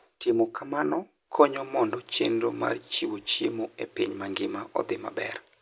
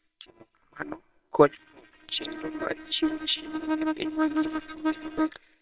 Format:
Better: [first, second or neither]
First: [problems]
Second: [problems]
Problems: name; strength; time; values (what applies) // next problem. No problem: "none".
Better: first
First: none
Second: noise reduction (neural separator model SepFormer WHAMR!)